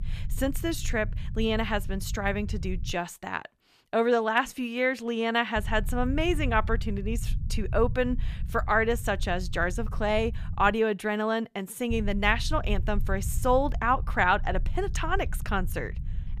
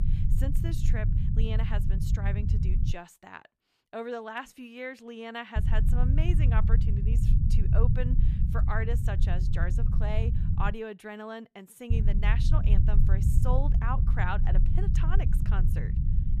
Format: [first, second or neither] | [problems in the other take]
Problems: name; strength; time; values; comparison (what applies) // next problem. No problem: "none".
first | low rumble; loud; until 3 s, from 5.5 to 11 s and from 12 s on; 5 dB below the speech; faint in the first